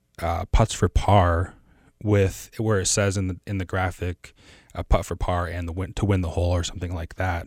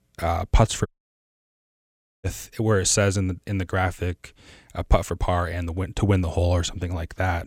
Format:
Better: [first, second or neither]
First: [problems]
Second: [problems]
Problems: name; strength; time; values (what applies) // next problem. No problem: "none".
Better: first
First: none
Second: audio cutting out; at 1 s for 1.5 s